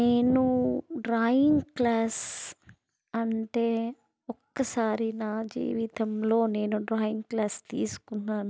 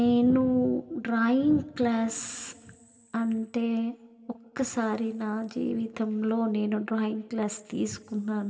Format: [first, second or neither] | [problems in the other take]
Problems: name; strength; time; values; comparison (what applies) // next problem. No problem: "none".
first | room echo; dies away in 2.9 s